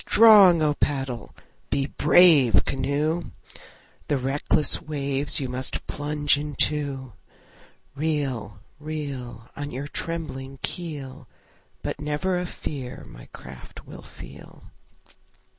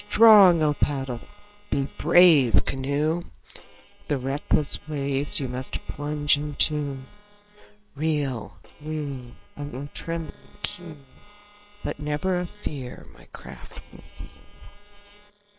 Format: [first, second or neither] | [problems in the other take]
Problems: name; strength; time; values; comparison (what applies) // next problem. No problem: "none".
first | noise reduction (neural separator model SepFormer WHAM!)